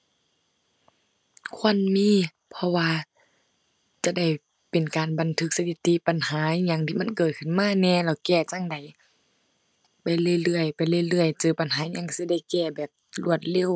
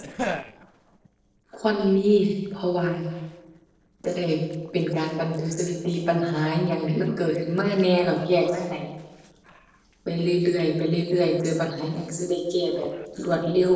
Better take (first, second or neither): first